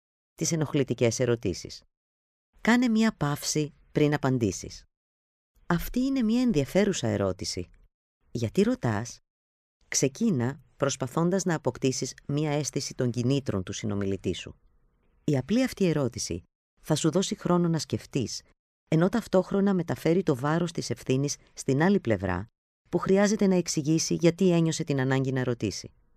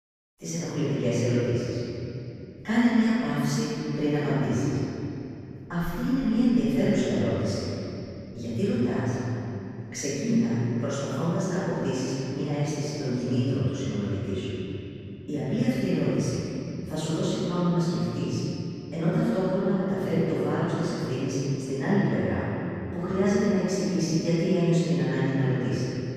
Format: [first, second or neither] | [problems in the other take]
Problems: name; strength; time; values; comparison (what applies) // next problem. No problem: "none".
first | room echo; strong; dies away in 3 s // off-mic speech; far